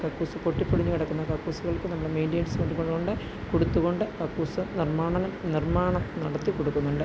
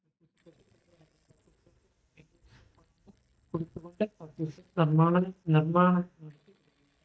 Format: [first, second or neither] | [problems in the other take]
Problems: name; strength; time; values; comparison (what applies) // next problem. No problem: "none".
first | noise reduction (neural mask model DeepFilterNet 3)